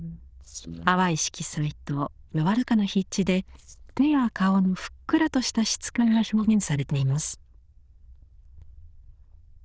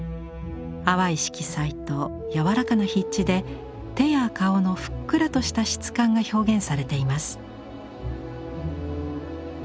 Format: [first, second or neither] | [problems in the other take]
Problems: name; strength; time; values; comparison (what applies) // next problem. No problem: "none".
second | noise reduction (neural diffusion model UNIVERSE++)